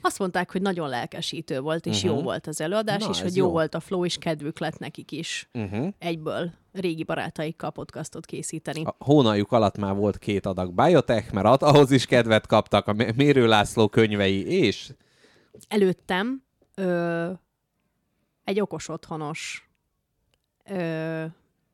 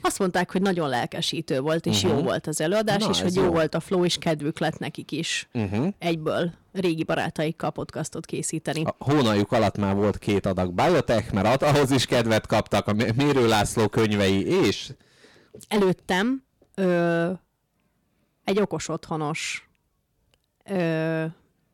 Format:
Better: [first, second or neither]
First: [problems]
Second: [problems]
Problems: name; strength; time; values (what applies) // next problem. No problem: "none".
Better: first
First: none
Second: distortion; heavy; 10% of the sound clipped